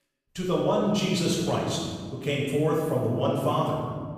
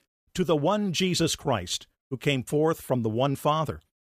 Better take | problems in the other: second | room echo; noticeable; dies away in 1.7 s // off-mic speech; far

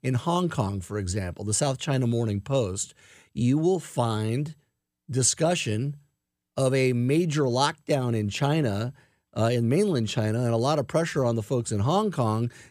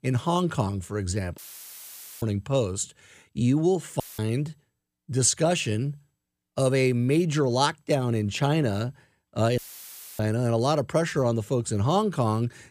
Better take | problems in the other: first | audio cutting out; filled with static; at 1.5 s for 1 s, at 4 s and at 9.5 s for 0.5 s

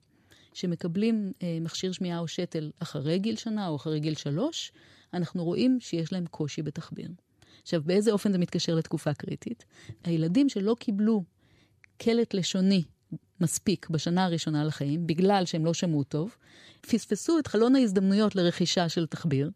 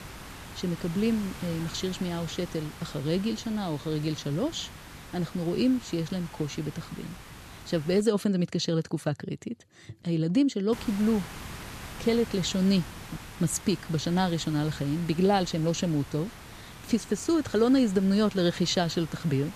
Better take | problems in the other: first | hiss; noticeable; until 8 s and from 11 s on; 15 dB below the speech

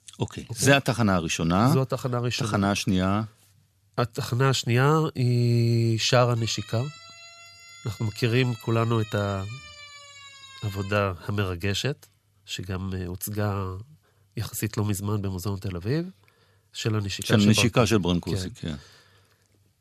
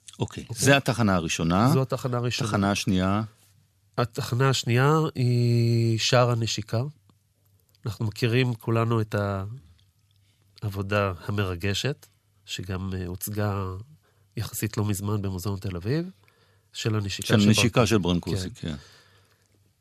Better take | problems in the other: second | siren; faint; from 6.5 to 11 s; peak 15 dB below the speech

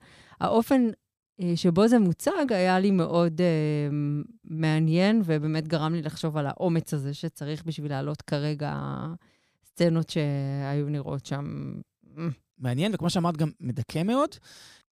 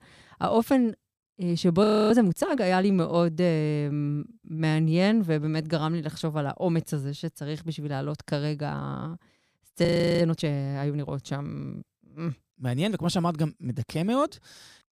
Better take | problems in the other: first | audio freezing; at 2 s and at 10 s

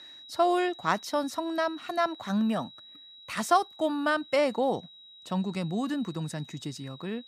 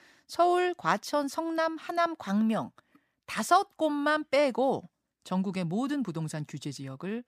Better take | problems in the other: second | high-pitched whine; noticeable; throughout; 4 kHz, 20 dB below the speech

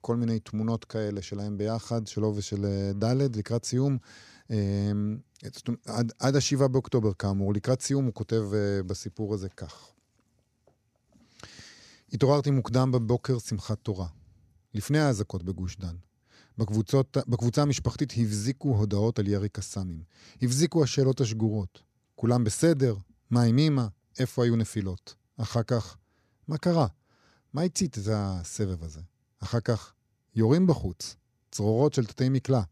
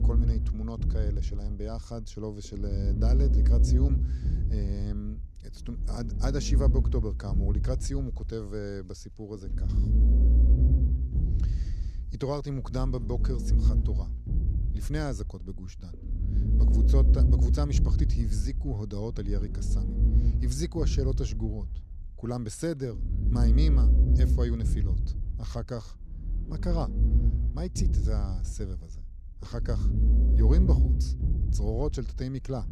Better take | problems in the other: first | low rumble; loud; throughout; 4 dB below the speech

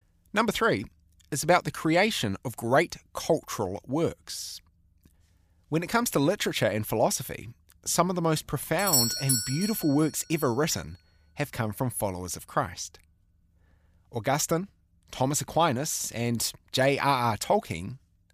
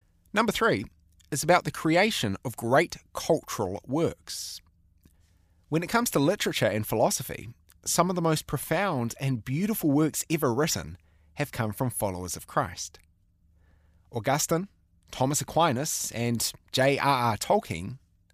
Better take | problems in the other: second | doorbell; loud; at 9 s; peak 5 dB above the speech

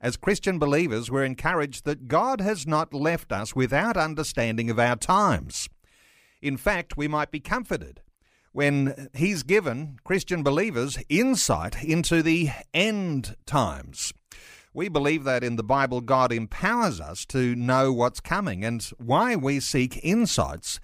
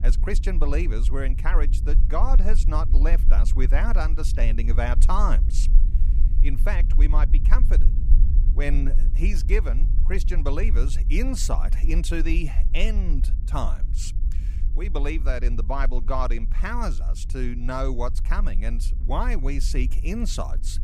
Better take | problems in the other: first | low rumble; noticeable; throughout; 15 dB below the speech

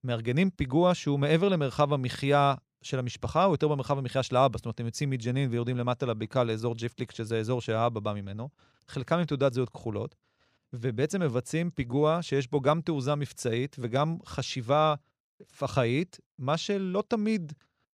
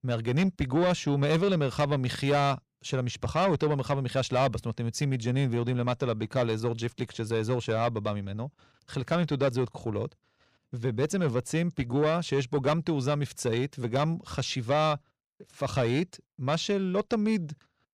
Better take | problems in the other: first | distortion; slight; 10 dB below the speech

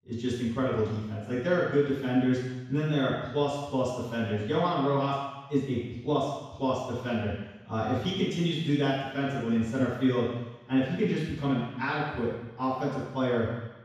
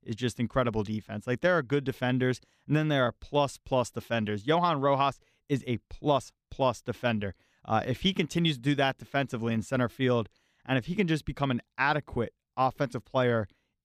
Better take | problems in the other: second | room echo; strong; dies away in 1.1 s // off-mic speech; far

